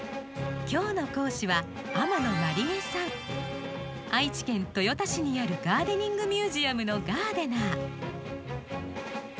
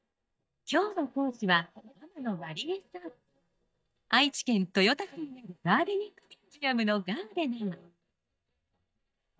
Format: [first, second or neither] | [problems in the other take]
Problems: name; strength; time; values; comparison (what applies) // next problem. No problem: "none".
first | noise reduction (neural mask model DeepFilterNet 3)